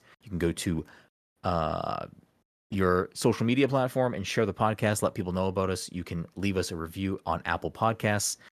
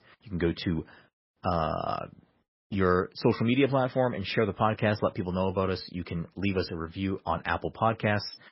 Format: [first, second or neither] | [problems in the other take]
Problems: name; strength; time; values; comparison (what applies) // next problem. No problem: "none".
first | garbled, watery; badly; nothing above 5.5 kHz